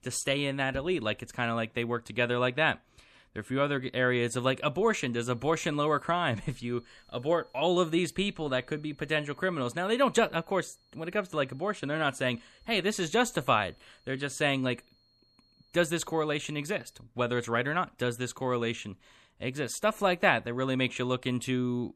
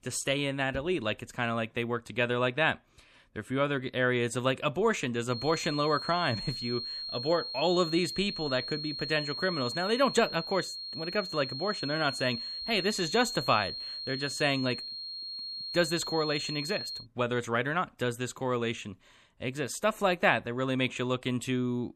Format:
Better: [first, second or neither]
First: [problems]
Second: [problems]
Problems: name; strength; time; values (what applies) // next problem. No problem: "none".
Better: first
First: high-pitched whine; faint; from 5.5 to 17 s; 4.5 kHz, 35 dB below the speech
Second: high-pitched whine; loud; from 5.5 to 17 s; 4.5 kHz, 6 dB below the speech